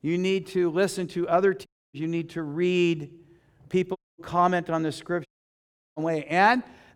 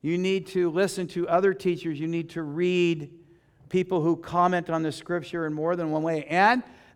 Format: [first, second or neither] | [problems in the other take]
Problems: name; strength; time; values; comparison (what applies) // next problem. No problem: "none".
second | audio cutting out; at 1.5 s, at 4 s and at 5.5 s for 0.5 s